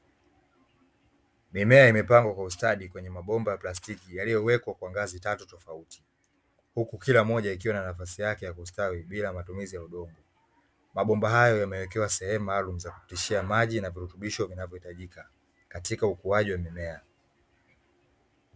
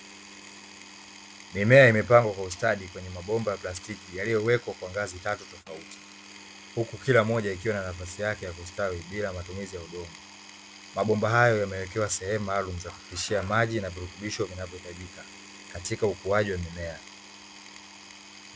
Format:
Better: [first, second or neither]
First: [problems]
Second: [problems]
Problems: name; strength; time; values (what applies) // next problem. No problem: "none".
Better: first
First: none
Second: background sound (Power tool); 18 dB below the speech